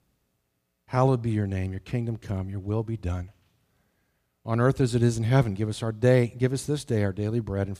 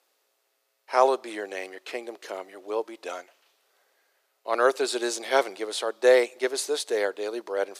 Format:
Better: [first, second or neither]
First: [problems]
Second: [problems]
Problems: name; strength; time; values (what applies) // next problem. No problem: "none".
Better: first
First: none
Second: thin; very; fading below 400 Hz